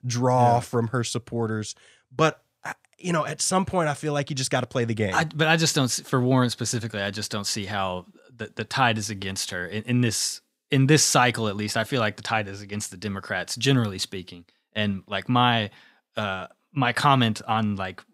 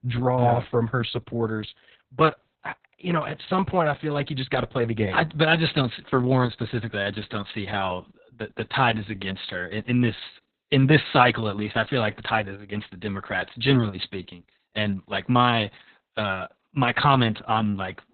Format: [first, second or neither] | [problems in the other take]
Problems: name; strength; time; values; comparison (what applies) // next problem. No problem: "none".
first | garbled, watery; badly; nothing above 4 kHz